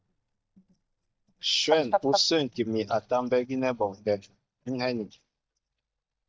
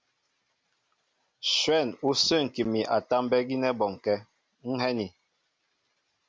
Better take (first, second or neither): second